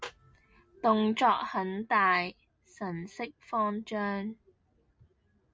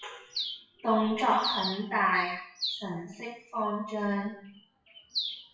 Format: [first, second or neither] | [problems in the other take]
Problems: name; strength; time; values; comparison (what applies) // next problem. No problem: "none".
first | noise reduction (classical method WPE with log-MMSE)